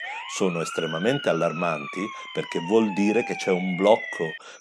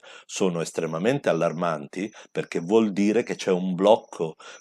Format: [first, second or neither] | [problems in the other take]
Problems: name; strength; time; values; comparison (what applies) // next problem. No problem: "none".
second | siren; noticeable; peak 6 dB below the speech